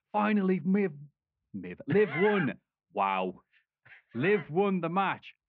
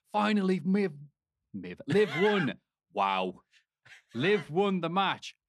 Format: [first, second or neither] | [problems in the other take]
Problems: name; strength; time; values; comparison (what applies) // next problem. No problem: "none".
second | muffled; very; fading above 2.5 kHz